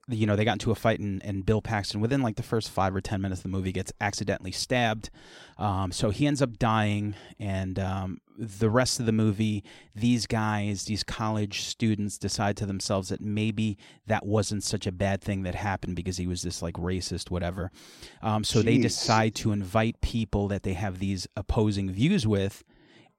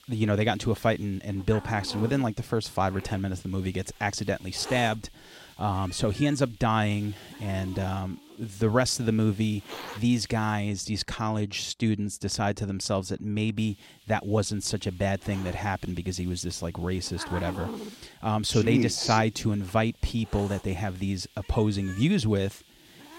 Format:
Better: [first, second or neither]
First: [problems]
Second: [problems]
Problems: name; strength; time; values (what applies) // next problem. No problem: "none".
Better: first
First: none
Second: hiss; noticeable; until 11 s and from 14 s on; 15 dB below the speech